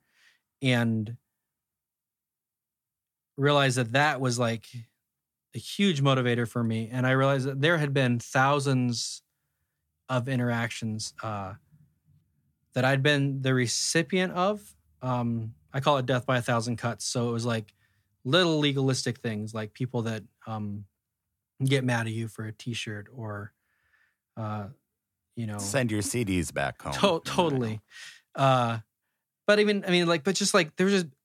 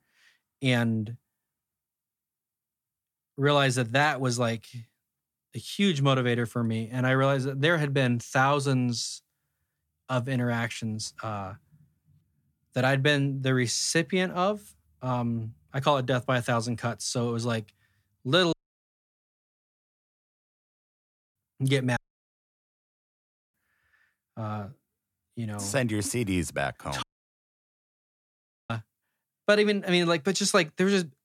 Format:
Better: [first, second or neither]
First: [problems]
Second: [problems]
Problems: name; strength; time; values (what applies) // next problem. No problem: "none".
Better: first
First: none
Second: audio cutting out; at 19 s for 3 s, at 22 s for 1.5 s and at 27 s for 1.5 s